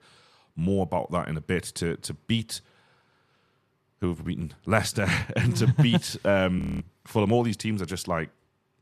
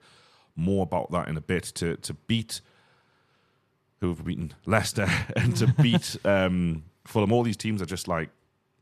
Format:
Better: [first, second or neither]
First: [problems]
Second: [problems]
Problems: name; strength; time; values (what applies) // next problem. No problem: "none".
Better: second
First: audio freezing; at 6.5 s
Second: none